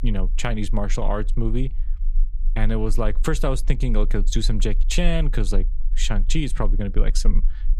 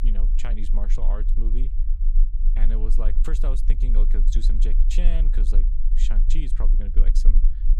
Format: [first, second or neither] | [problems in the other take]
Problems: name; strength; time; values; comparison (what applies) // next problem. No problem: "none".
first | low rumble; loud; throughout; 9 dB below the speech; faint in the first